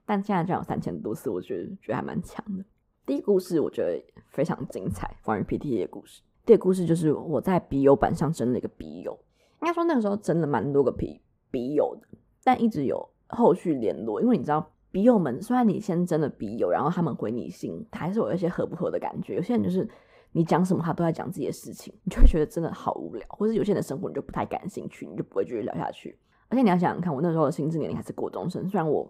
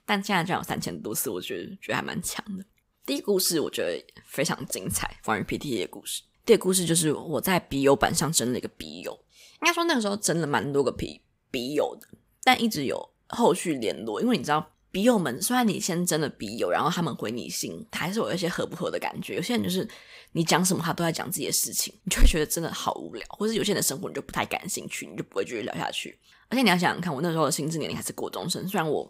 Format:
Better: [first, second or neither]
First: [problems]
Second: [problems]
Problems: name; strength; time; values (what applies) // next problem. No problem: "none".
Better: second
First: muffled; very; fading above 1.5 kHz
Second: none